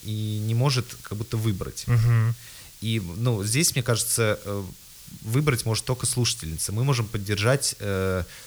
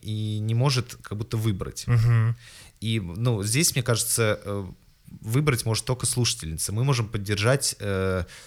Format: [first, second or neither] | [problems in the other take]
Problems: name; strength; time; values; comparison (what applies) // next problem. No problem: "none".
second | hiss; noticeable; throughout; 20 dB below the speech